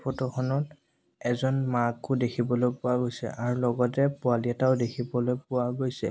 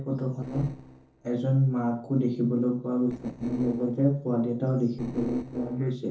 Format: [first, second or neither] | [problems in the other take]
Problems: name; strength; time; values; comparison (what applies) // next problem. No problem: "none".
first | noise reduction (neural separator model SepFormer DNS4)